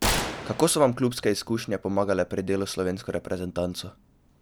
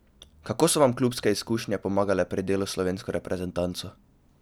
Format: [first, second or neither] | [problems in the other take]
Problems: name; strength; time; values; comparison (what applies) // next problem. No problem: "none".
second | background sound (Gunshot, gunfire); 7 dB below the speech